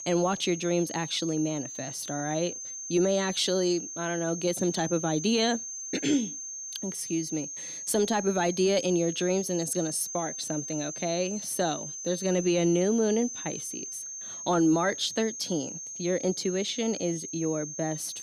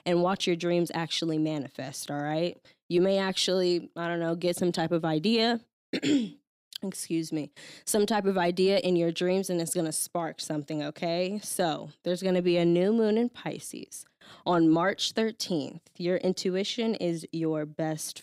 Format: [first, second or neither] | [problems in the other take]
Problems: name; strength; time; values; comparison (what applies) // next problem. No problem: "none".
second | high-pitched whine; loud; throughout; 6.5 kHz, 7 dB below the speech